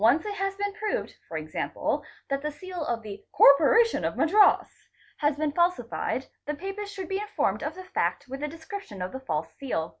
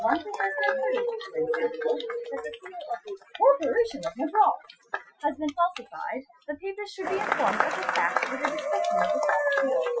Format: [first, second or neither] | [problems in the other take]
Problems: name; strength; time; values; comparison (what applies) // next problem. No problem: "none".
first | noise reduction (classical method Wiener filter)